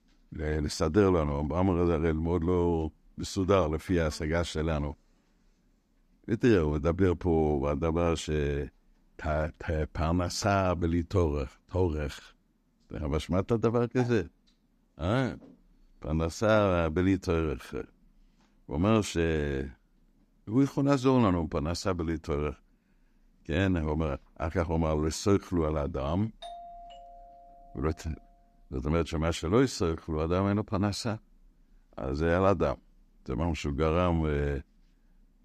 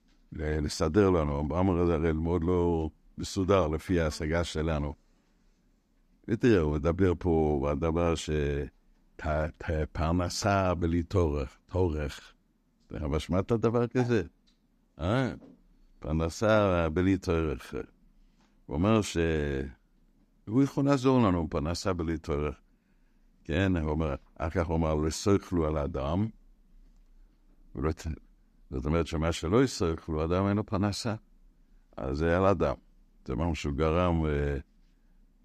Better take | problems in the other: second | doorbell; faint; from 26 to 28 s; peak 15 dB below the speech

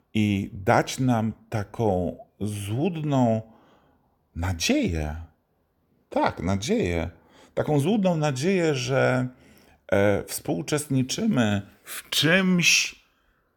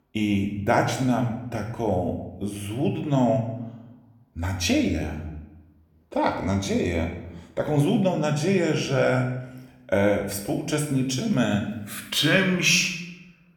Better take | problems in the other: first | room echo; slight; dies away in 0.7 s

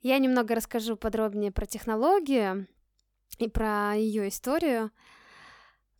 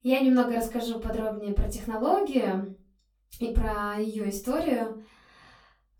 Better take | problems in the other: first | off-mic speech; far // room echo; slight; dies away in 0.3 s

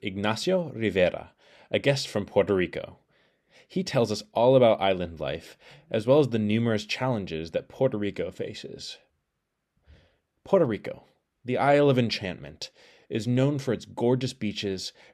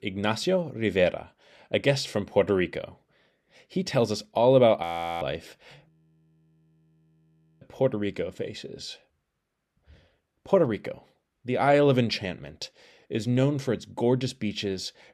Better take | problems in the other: first | audio freezing; at 5 s and at 6 s for 1.5 s

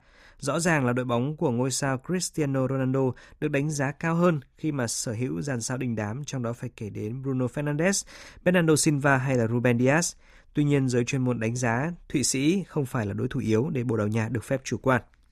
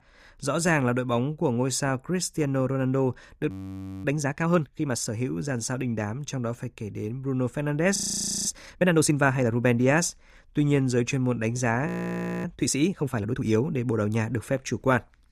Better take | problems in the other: first | audio freezing; at 3.5 s for 0.5 s, at 8 s for 0.5 s and at 12 s for 0.5 s

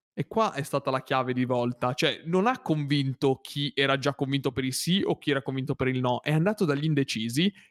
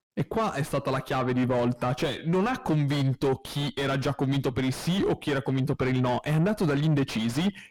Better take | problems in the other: first | distortion; heavy; 5 dB below the speech

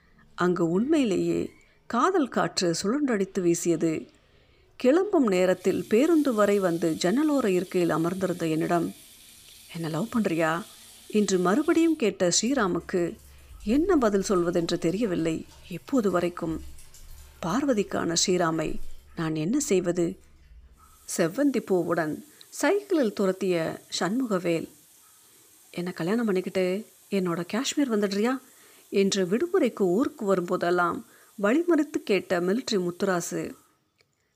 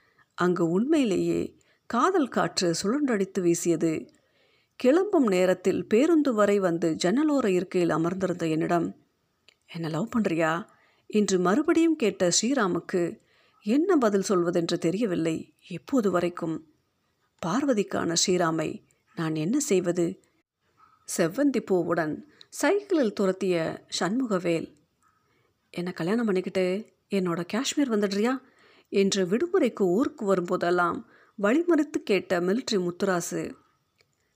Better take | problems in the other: second | household noises; faint; throughout; 25 dB below the speech

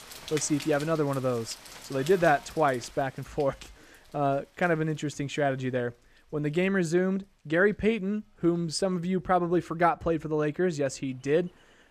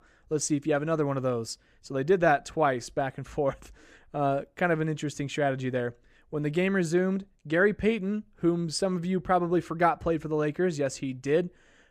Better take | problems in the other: second | rain or running water; noticeable; throughout; 15 dB below the speech

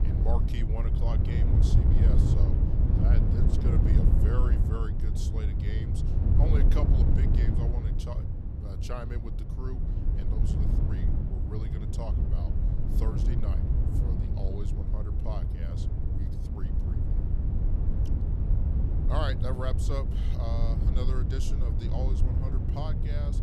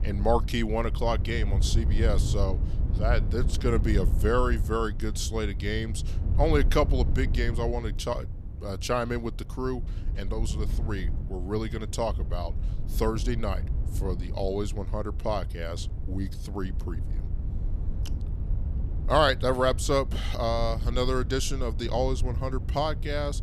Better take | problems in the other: second | wind noise on the microphone; heavy; as loud as the speech; occasional gusts in the second

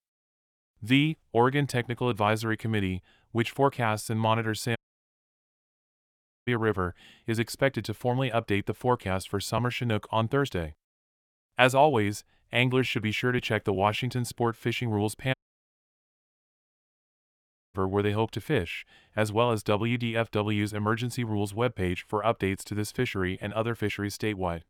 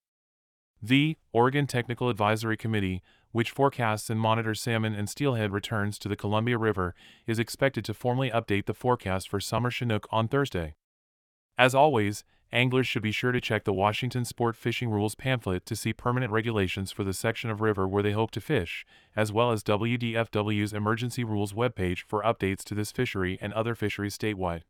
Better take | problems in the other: second | audio cutting out; at 5 s for 1.5 s and at 15 s for 2.5 s

